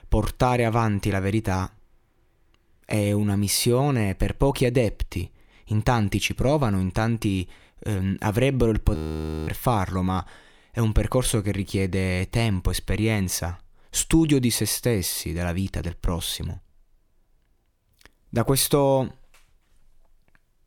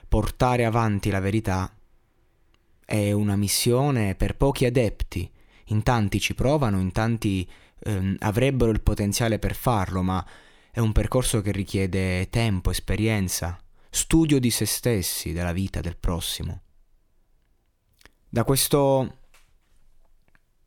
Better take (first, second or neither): second